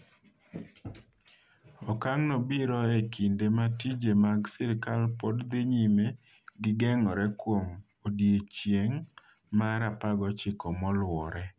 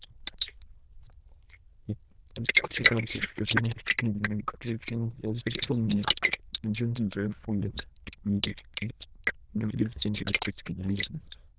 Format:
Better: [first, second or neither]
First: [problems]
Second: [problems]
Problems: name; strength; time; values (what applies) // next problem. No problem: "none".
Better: first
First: none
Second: noise reduction (neural diffusion model UNIVERSE++)